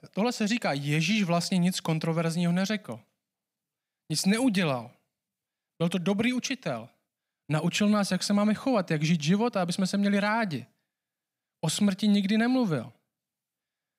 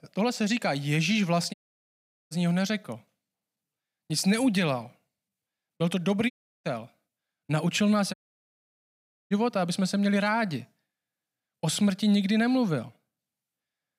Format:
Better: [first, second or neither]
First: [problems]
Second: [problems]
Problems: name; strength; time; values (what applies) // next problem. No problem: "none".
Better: first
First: none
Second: audio cutting out; at 1.5 s for 1 s, at 6.5 s and at 8 s for 1 s